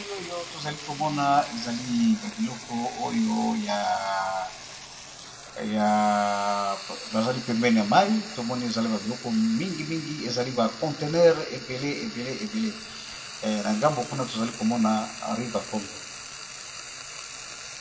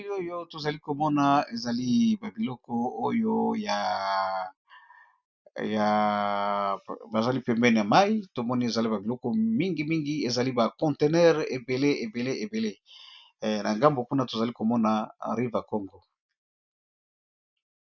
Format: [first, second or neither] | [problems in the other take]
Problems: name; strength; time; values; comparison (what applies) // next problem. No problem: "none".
second | background sound (Frying (food)); 13 dB below the speech // room echo; dies away in 0.7 s